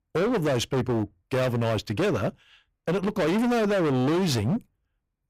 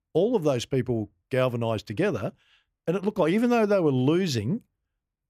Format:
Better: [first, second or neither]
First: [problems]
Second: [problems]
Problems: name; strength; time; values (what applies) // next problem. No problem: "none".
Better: second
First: distortion; heavy; 28% of the sound clipped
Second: none